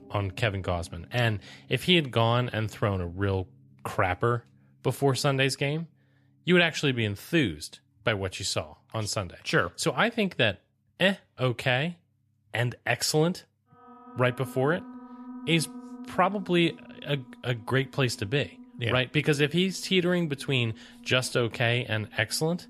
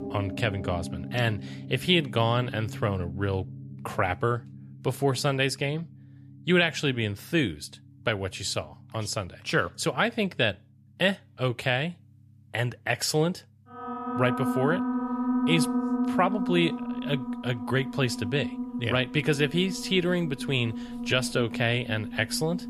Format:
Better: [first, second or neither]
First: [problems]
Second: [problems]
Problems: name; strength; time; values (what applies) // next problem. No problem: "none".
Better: first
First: background music; faint; throughout; 20 dB below the speech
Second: background music; loud; throughout; 5 dB below the speech